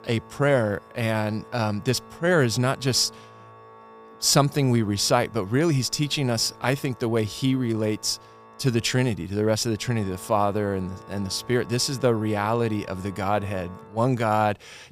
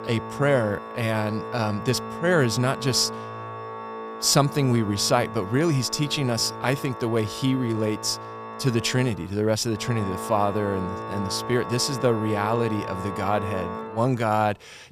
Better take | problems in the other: first | background music; loud; throughout; 10 dB below the speech; faint in the first

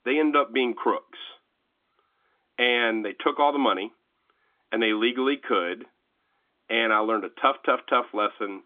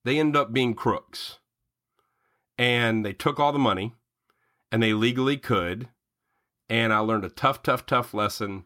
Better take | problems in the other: second | phone-call audio; nothing above 3.5 kHz

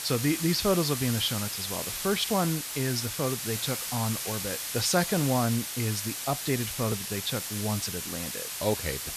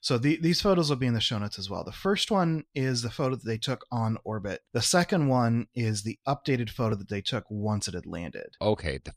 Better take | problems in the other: second | hiss; loud; throughout; 3 dB below the speech

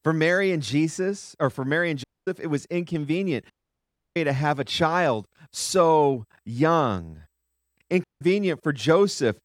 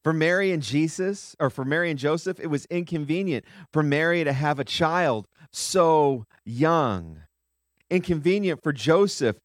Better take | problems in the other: second | audio cutting out; at 2 s, at 3.5 s for 0.5 s and at 8 s

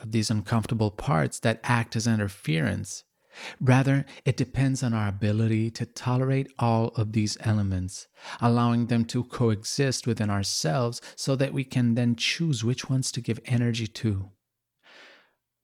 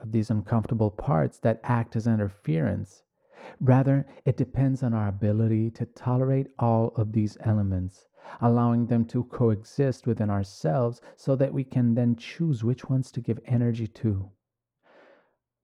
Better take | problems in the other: first | muffled; very; fading above 2 kHz

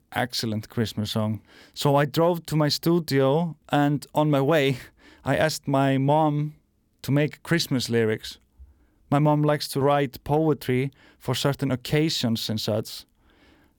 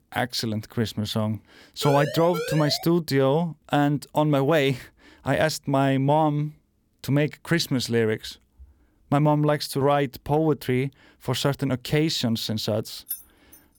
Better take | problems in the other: first | siren; noticeable; from 2 to 3 s; peak 7 dB below the speech // jangling keys; faint; at 13 s; peak 10 dB below the speech

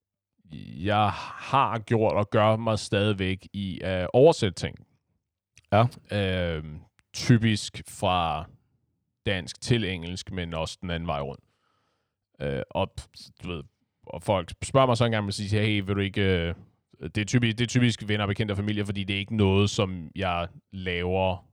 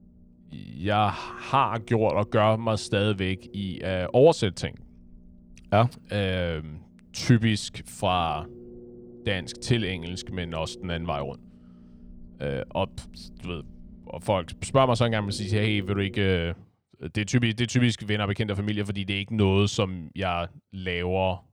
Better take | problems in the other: first | low rumble; faint; until 16 s; 25 dB below the speech

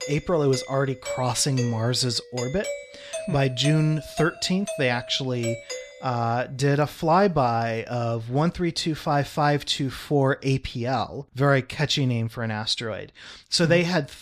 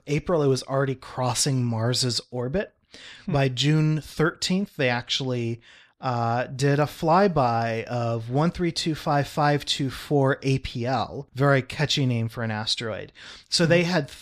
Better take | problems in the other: second | doorbell; noticeable; until 6 s; peak 8 dB below the speech

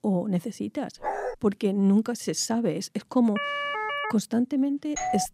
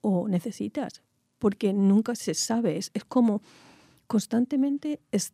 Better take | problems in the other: second | dog barking; noticeable; at 1 s; peak 5 dB below the speech // siren; noticeable; at 3.5 s; peak 2 dB below the speech // doorbell; very faint; at 5 s; peak 3 dB below the speech

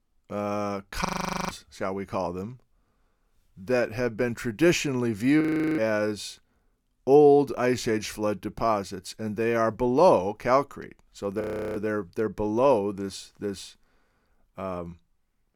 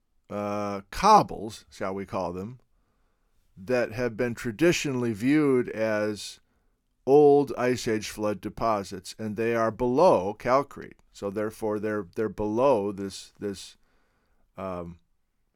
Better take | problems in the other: second | audio freezing; at 1 s, at 5.5 s and at 11 s

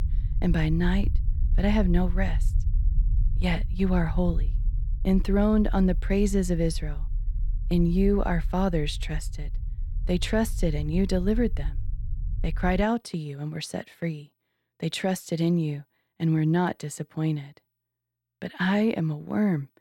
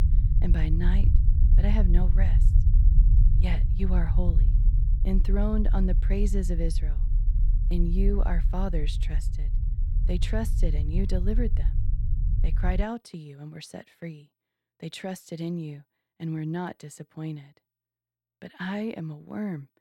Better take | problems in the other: first | low rumble; loud; until 13 s; 8 dB below the speech; faint in the first

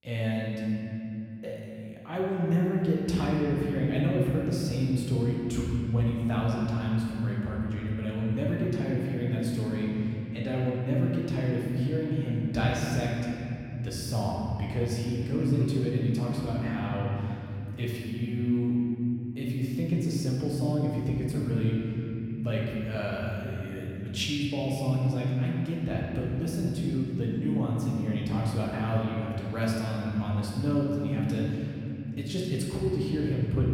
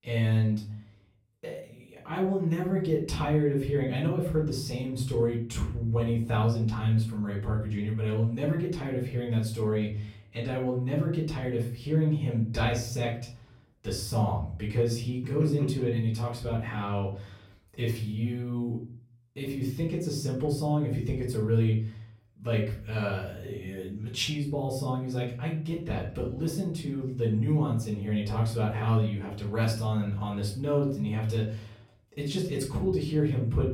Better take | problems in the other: second | room echo; strong; dies away in 3 s; slight in the second // off-mic speech; far; far in the second

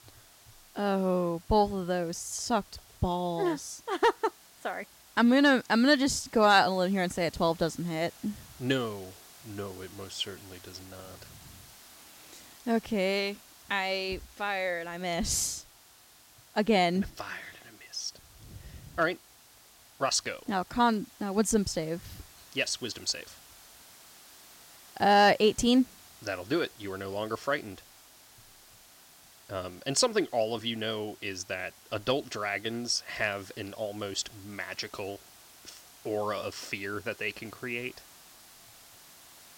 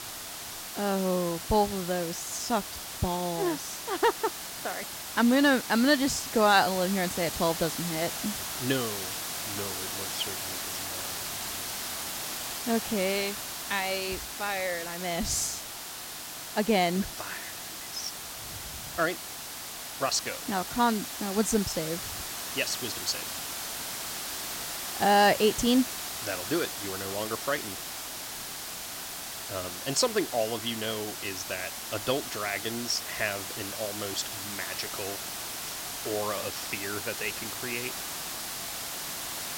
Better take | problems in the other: first | hiss; loud; throughout; 5 dB below the speech; faint in the first

